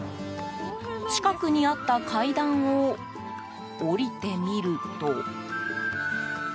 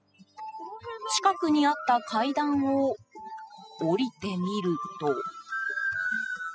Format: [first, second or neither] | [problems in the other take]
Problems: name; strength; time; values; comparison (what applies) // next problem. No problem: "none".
first | noise reduction (classical method spectral subtraction)